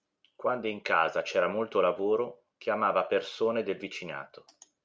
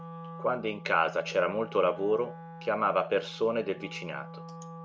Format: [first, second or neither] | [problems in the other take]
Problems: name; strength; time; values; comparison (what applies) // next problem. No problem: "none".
first | background sound (Wind instrument, woodwind instrument); 14 dB below the speech